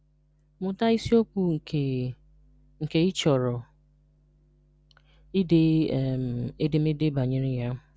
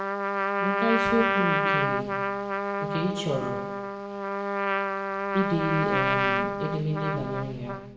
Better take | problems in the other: first | background sound (Trumpet); 4 dB above the speech // room echo; dies away in 0.8 s

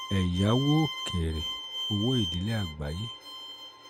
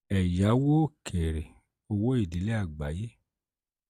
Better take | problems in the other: second | background sound (Bowed string instrument); 8 dB below the speech

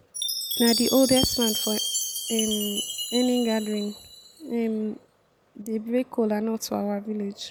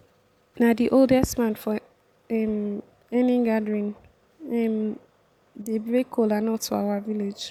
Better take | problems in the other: second | background sound (Chime); 5 dB below the speech

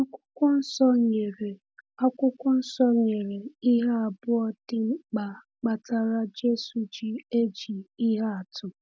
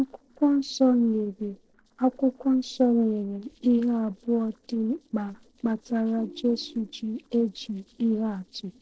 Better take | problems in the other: first | noise reduction (neural separator model SepFormer DNS4)

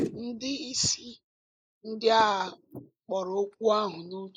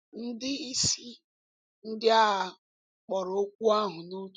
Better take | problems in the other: second | noise reduction (neural mask model Resemble Enhance denoiser)

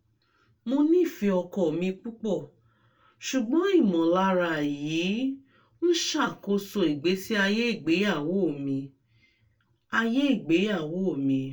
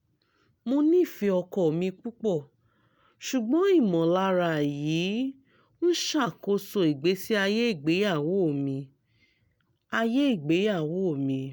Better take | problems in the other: second | room echo; dies away in 0.2 s

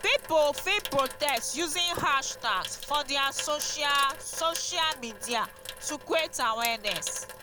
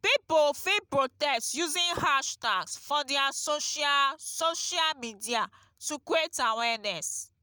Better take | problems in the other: second | background sound (Sink (filling or washing) / Water tap, faucet); 12 dB below the speech

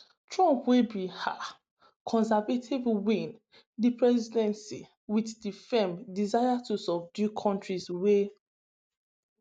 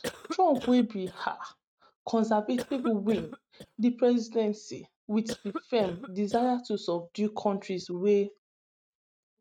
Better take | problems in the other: first | noise reduction (neural mask model RNNoise)

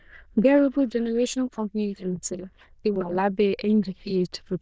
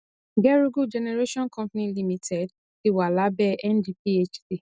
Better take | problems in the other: second | noise reduction (neural diffusion model UNIVERSE++)

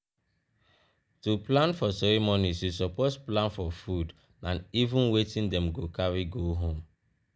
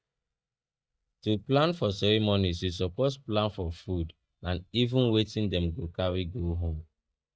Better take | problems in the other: first | noise reduction (neural mask model DeepFilterNet 3)

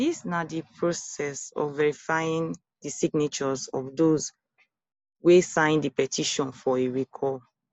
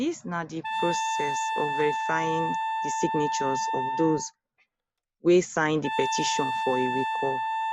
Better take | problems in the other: first | background sound (Wind instrument, woodwind instrument); 1 dB below the speech

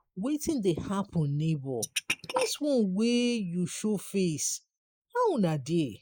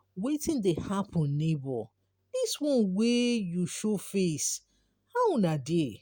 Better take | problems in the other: second | noise reduction (neural mask model Resemble Enhance denoiser)

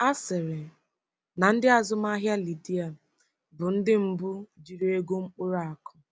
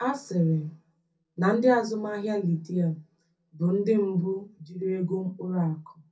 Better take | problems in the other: first | room echo; dies away in 0.3 s

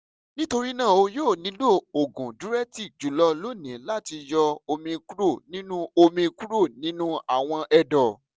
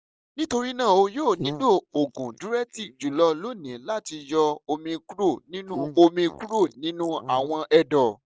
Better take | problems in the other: first | noise reduction (neural mask model Resemble Enhance denoiser)

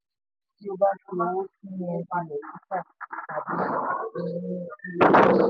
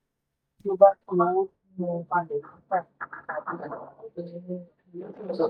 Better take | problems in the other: first | noise reduction (neural mask model DeepFilterNet 3)

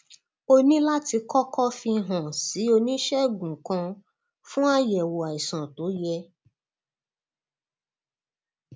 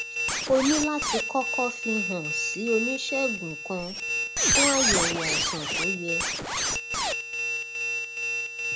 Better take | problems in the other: first | background sound (Squeak); 3 dB above the speech

